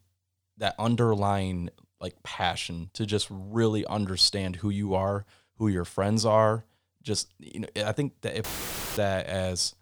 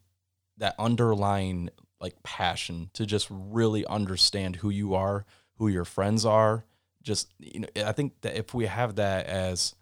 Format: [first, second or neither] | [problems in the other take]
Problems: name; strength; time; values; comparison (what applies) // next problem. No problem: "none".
second | audio cutting out; filled with static; at 8.5 s for 0.5 s